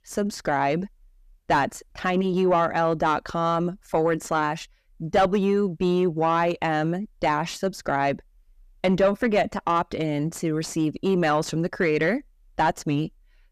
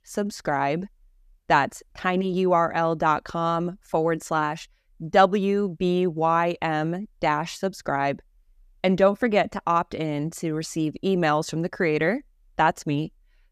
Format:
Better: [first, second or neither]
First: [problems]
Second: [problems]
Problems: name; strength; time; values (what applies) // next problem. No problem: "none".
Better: second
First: distortion; slight; 10 dB below the speech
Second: none